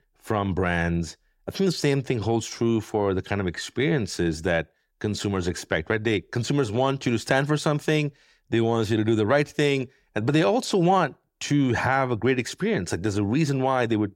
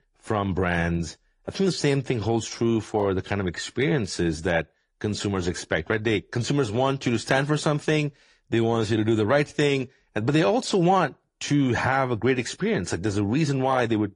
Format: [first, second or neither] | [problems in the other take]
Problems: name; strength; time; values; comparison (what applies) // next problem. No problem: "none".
first | garbled, watery; slightly; nothing above 10.5 kHz